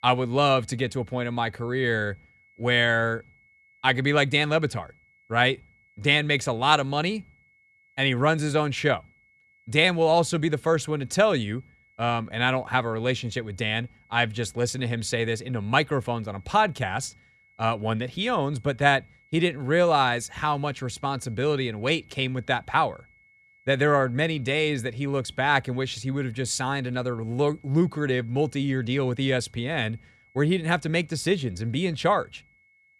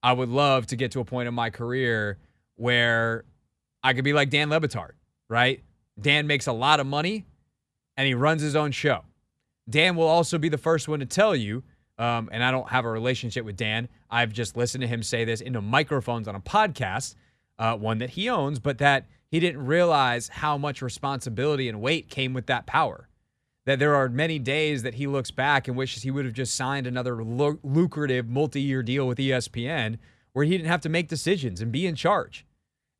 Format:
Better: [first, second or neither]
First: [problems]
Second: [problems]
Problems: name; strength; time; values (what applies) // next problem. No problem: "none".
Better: second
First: high-pitched whine; faint; throughout; 2 kHz, 35 dB below the speech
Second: none